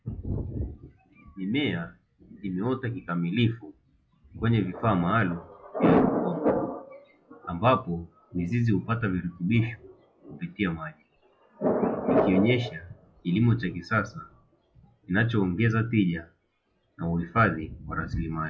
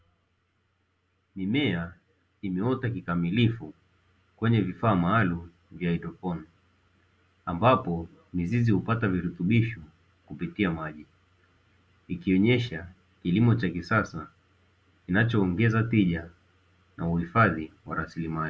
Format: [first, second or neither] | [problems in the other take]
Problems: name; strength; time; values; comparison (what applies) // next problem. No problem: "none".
second | noise reduction (classical method log-MMSE)